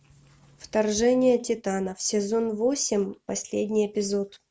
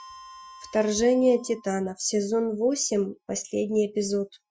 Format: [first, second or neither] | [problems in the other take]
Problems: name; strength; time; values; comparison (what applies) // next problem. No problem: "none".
first | noise reduction (classical method Wiener filter)